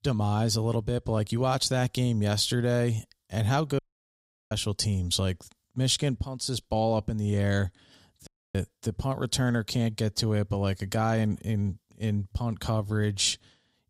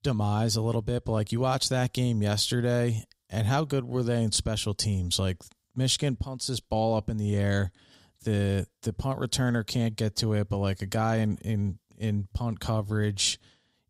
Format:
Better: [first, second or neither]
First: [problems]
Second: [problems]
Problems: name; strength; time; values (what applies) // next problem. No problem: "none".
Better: second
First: audio cutting out; at 4 s for 0.5 s and at 8.5 s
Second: none